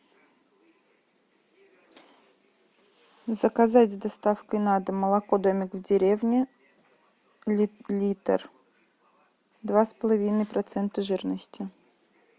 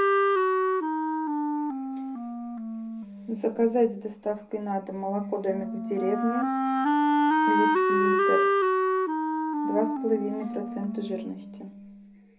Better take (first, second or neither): first